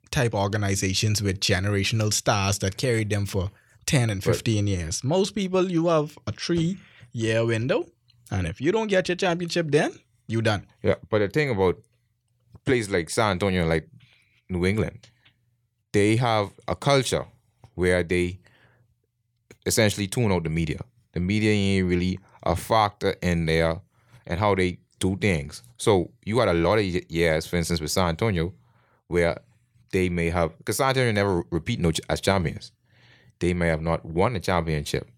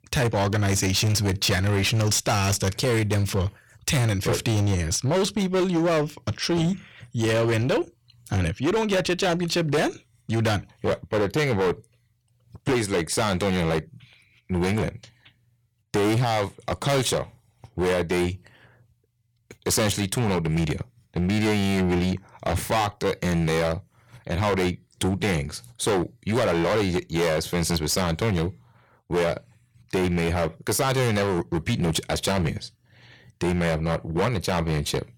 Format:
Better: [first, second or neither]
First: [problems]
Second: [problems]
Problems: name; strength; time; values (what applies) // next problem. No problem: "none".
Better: first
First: none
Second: distortion; heavy; 17% of the sound clipped